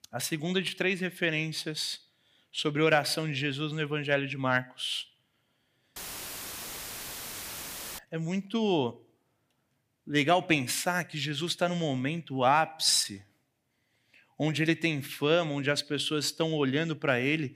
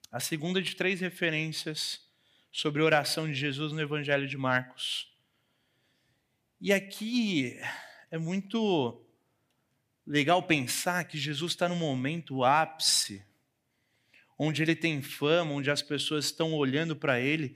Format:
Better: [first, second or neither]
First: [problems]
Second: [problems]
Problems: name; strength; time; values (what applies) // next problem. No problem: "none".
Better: second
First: audio cutting out; filled with static; at 6 s for 2 s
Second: none